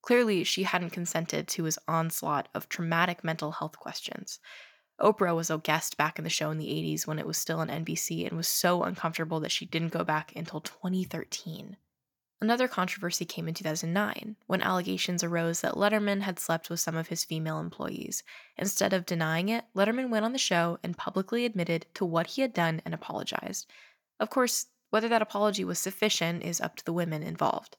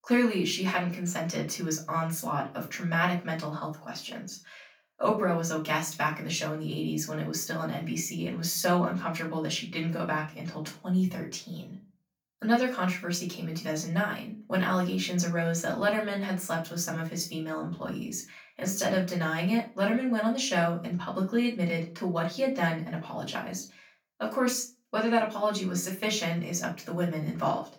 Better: first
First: none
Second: off-mic speech; far // room echo; very slight; dies away in 0.3 s

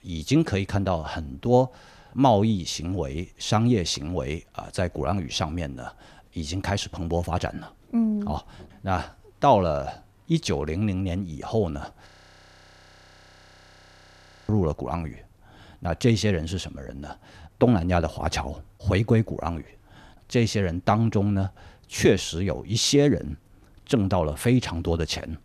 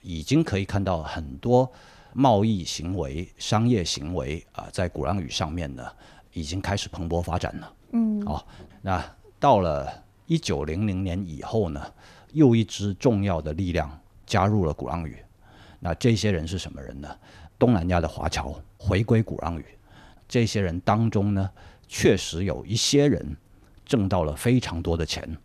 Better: second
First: audio freezing; at 12 s for 2.5 s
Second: none

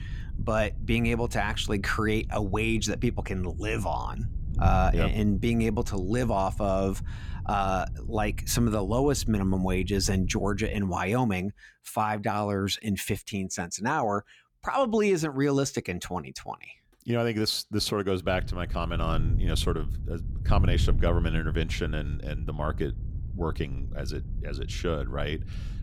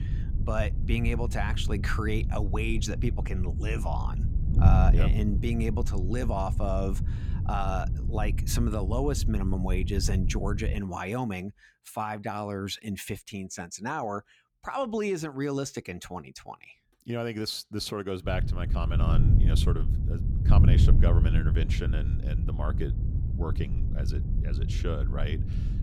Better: first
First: wind noise on the microphone; occasional gusts; until 11 s and from 18 s on; 20 dB below the speech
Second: wind noise on the microphone; heavy; until 11 s and from 18 s on; 8 dB below the speech

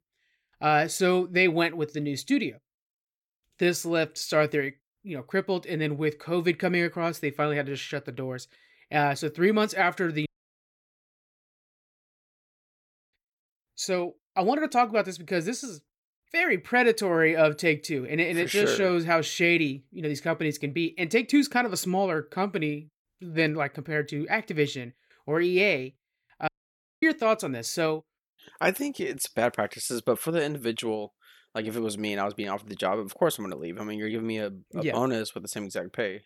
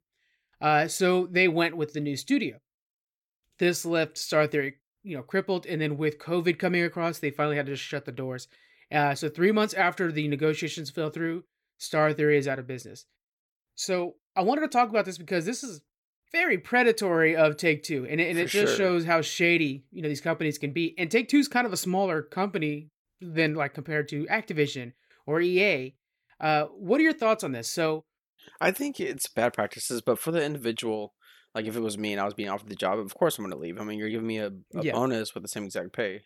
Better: second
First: audio cutting out; at 10 s for 3 s and at 26 s for 0.5 s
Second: none

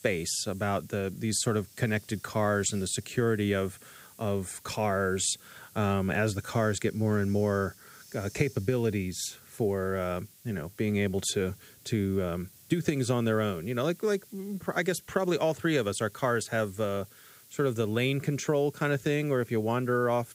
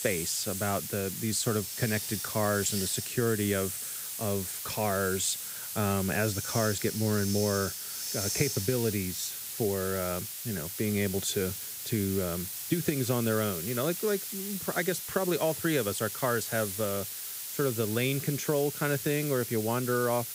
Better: first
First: hiss; faint; throughout; 25 dB below the speech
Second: hiss; loud; throughout; 4 dB below the speech

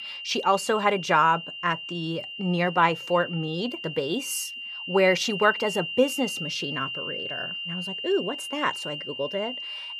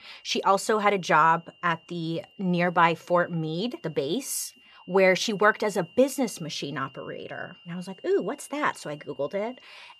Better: second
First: high-pitched whine; loud; throughout; 3 kHz, 7 dB below the speech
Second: high-pitched whine; faint; throughout; 3 kHz, 25 dB below the speech

